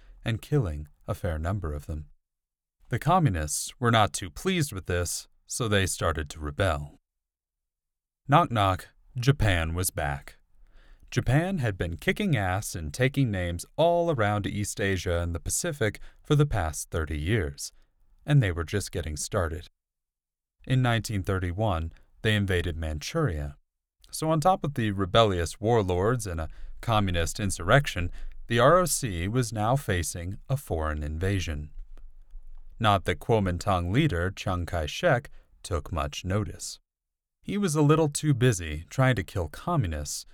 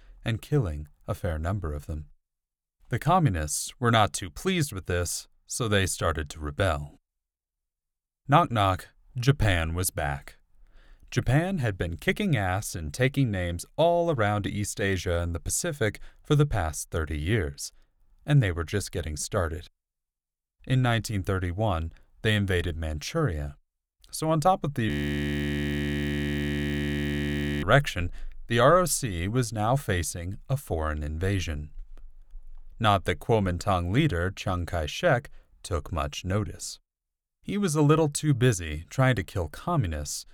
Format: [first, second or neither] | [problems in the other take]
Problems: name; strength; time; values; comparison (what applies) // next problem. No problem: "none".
first | audio freezing; at 25 s for 2.5 s